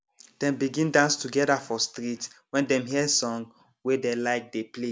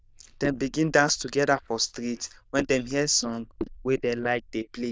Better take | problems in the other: first | noise reduction (neural diffusion model UNIVERSE++)

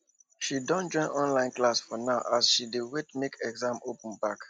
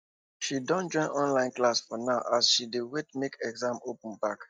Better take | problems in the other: first | noise reduction (neural mask model DeepFilterNet 3)

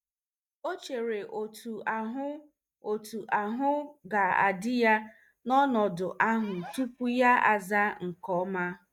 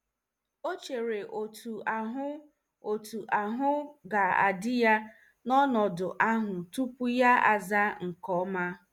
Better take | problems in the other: second | noise reduction (neural mask model DeepFilterNet 3)

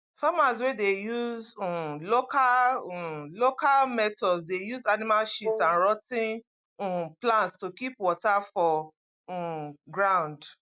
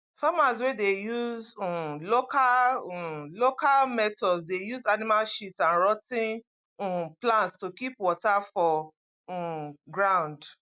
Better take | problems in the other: second | background sound (Wind instrument, woodwind instrument); 5 dB below the speech

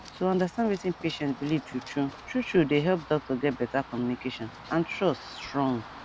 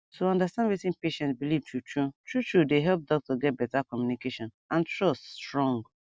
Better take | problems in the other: second | background sound (Run); 17 dB below the speech

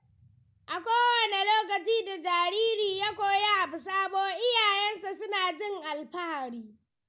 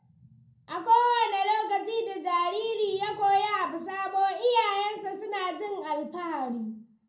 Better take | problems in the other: first | room echo; dies away in 0.6 s

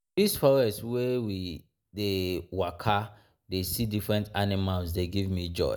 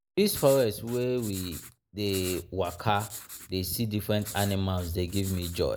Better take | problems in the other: first | noise reduction (neural mask model Resemble Enhance denoiser)

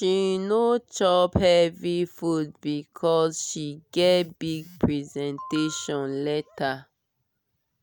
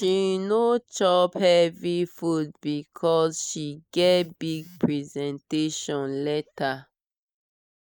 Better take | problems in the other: first | noise reduction (neural mask model Resemble Enhance denoiser)

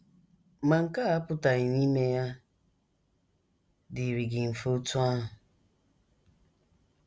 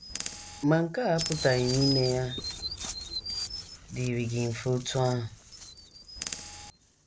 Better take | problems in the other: first | background sound (Chirp, tweet); 8 dB below the speech

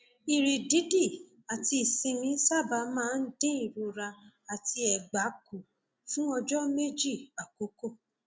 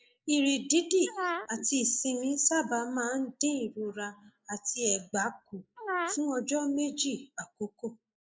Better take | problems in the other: first | noise reduction (neural mask model Resemble Enhance denoiser)

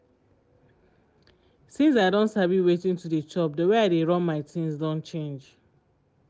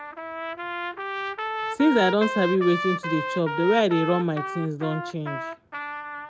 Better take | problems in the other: first | background sound (Trumpet); 6 dB below the speech

